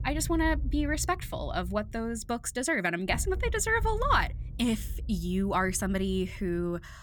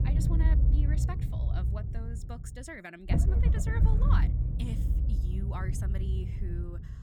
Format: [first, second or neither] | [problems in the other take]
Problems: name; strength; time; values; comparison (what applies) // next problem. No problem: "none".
first | low rumble; loud; throughout; 1 dB below the speech; faint in the first